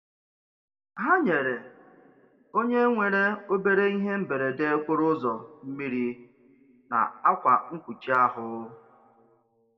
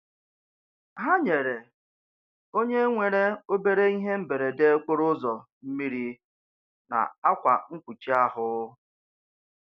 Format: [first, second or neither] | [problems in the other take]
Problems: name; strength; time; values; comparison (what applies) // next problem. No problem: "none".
second | room echo; dies away in 0.8 s